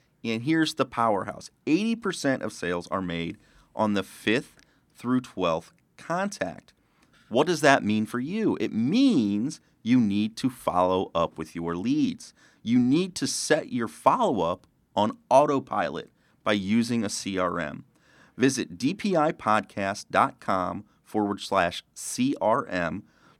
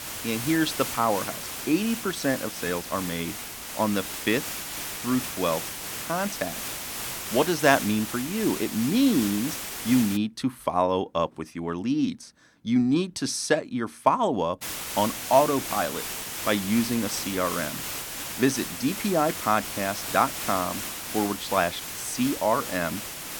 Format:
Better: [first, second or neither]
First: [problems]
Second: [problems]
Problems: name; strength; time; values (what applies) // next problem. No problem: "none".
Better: first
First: none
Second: hiss; loud; until 10 s and from 15 s on; 6 dB below the speech